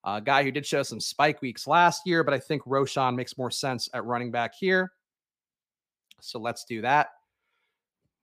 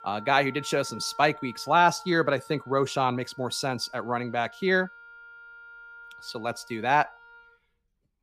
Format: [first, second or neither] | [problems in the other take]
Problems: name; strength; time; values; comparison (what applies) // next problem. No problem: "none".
first | background music; noticeable; throughout; 20 dB below the speech